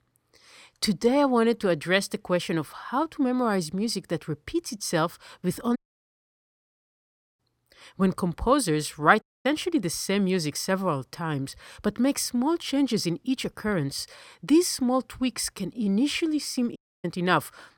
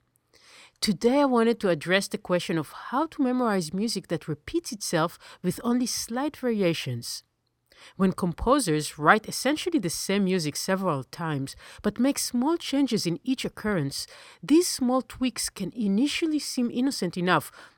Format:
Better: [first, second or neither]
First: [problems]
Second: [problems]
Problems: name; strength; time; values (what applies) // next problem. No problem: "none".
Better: second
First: audio cutting out; at 6 s for 1.5 s, at 9 s and at 17 s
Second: none